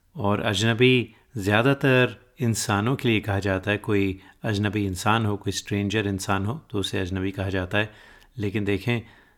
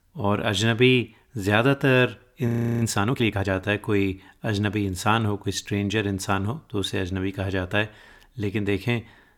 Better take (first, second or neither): first